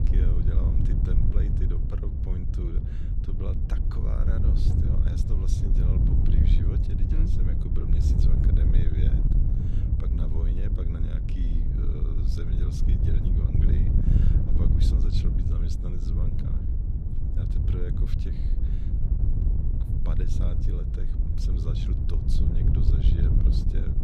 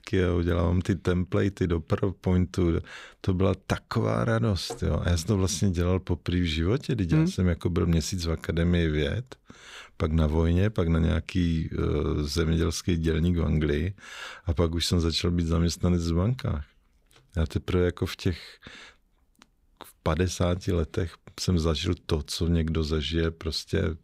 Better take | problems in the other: second | wind noise on the microphone; heavy; 4 dB above the speech

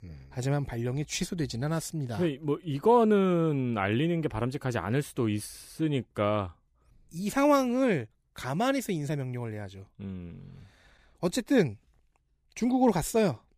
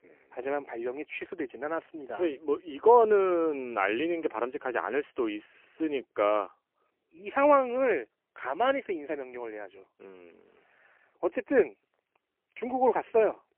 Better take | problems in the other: first | phone-call audio; poor line; nothing above 3 kHz

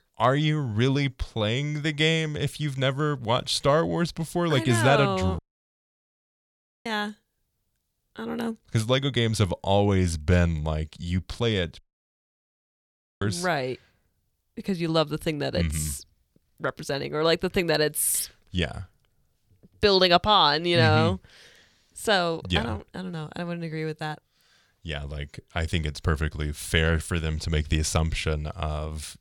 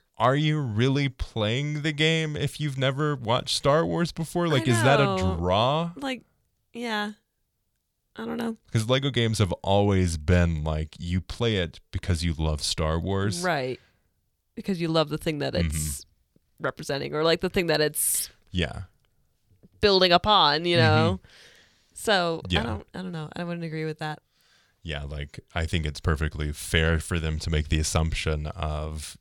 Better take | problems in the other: second | audio cutting out; at 5.5 s for 1.5 s and at 12 s for 1.5 s

